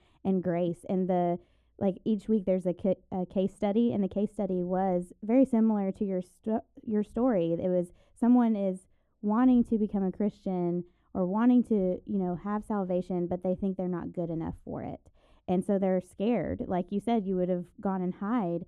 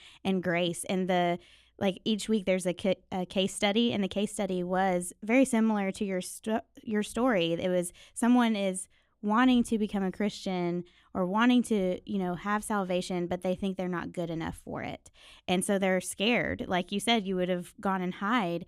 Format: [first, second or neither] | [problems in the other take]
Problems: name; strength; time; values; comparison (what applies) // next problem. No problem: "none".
second | muffled; very; fading above 1.5 kHz